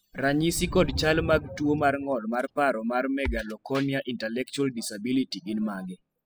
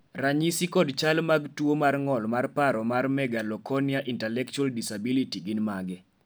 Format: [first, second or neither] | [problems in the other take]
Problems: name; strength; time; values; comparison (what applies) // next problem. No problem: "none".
second | noise reduction (classical method spectral subtraction)